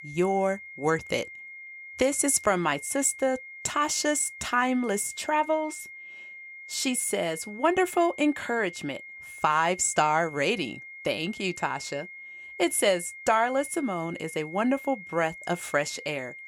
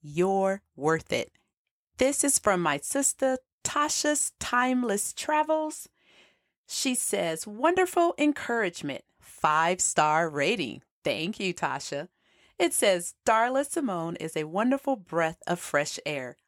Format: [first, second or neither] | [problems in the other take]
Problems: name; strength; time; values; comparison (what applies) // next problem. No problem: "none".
second | high-pitched whine; noticeable; throughout; 2 kHz, 15 dB below the speech